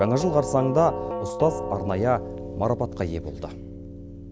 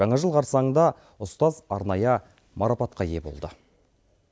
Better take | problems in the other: second | background sound (Doorbell); 7 dB below the speech

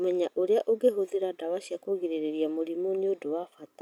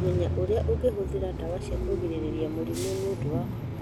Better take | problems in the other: first | background sound (Bus / Engine); 1 dB above the speech

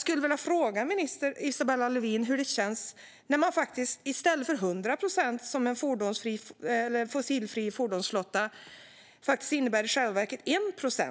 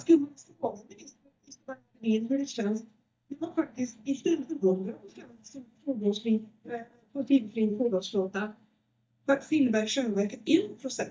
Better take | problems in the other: first | noise reduction (neural mask model DeepFilterNet 3)

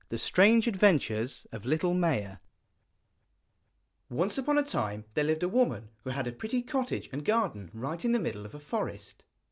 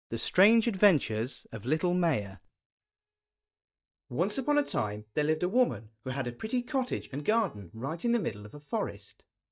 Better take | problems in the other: first | noise reduction (neural mask model DeepFilterNet 3)

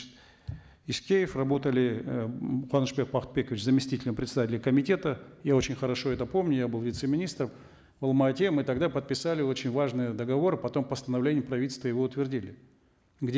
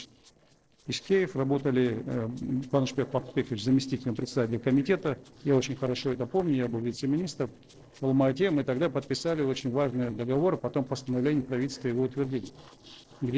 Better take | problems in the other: first | noise reduction (neural separator model SepFormer DNS4)

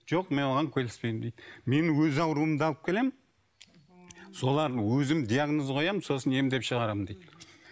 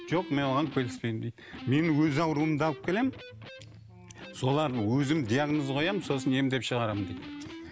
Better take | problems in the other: first | background sound (Electric guitar); 14 dB below the speech

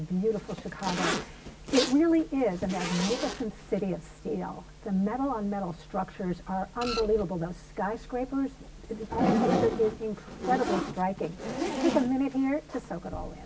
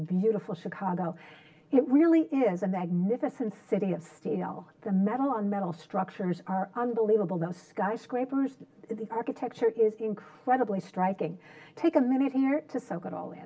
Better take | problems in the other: second | background sound (Printer + Zipper (clothing)); 5 dB below the speech

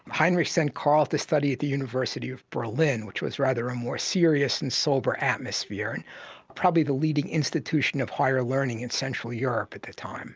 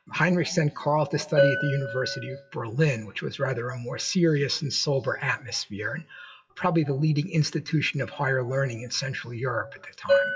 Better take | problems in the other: first | noise reduction (classical method WPE with log-MMSE)

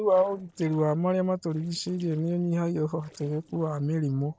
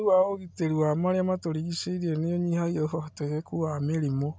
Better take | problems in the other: second | noise reduction (neural separator model SepFormer DNS4)

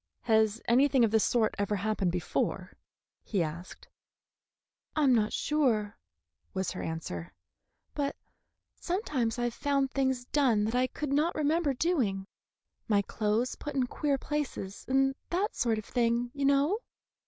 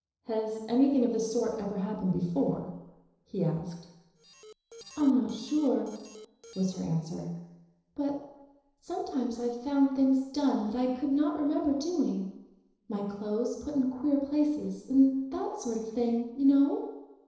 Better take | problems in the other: first | noise reduction (neural separator model SepFormer DNS4)

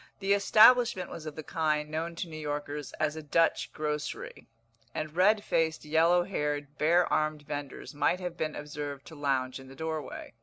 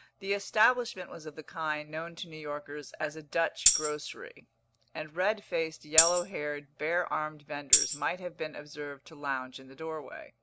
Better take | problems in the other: first | background sound (Tambourine); 3 dB above the speech

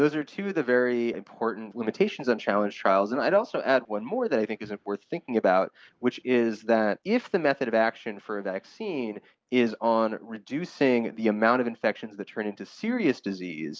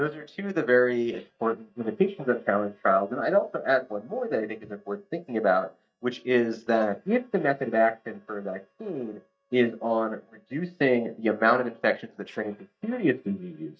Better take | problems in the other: first | noise reduction (neural mask model DeepFilterNet 3)

